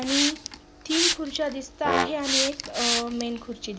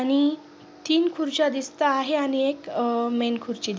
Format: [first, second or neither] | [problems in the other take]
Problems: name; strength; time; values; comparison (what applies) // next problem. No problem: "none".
second | background sound (Brass instrument + Hiss); 1 dB above the speech